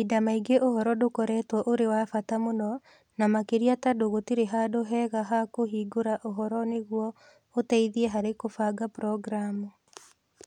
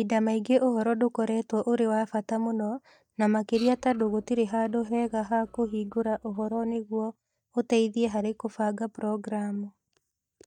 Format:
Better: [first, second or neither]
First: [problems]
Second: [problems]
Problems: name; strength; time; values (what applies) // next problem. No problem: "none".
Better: first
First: none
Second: noise reduction (neural mask model DeepFilterNet 3)